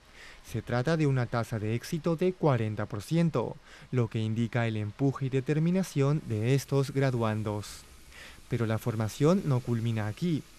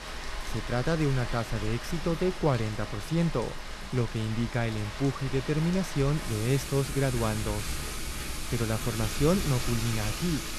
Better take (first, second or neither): first